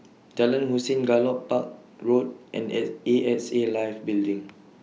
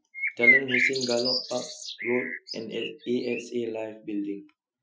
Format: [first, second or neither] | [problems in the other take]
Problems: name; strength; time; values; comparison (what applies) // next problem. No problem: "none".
first | noise reduction (classical method Wiener filter)